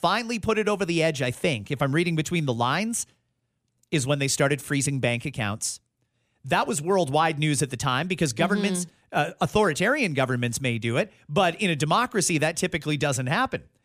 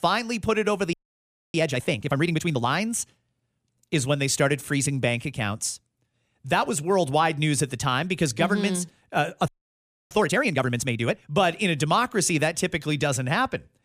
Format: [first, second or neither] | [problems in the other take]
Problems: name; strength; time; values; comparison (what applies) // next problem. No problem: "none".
first | audio freezing; at 1 s for 0.5 s and at 9.5 s for 0.5 s